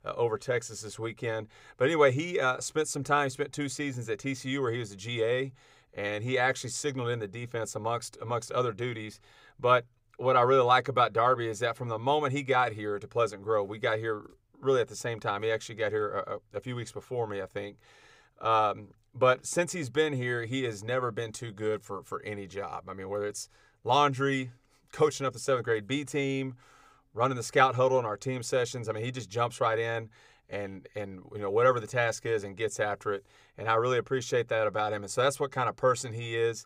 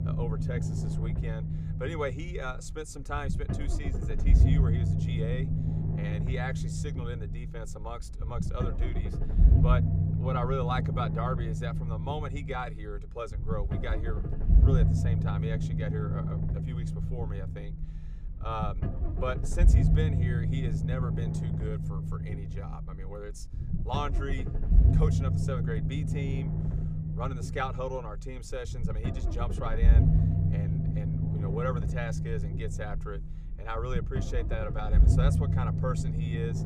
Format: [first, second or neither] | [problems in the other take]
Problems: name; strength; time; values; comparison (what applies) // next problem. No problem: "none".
first | low rumble; loud; throughout; 3 dB below the speech